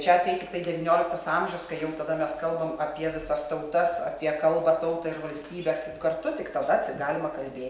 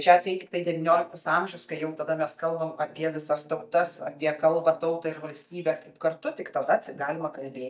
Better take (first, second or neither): first